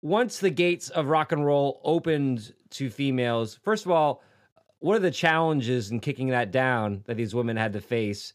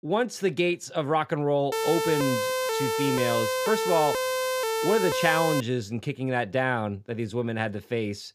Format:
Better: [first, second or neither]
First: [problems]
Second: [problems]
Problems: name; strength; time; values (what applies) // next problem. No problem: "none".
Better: first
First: none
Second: siren; loud; from 1.5 to 5.5 s; peak 1 dB above the speech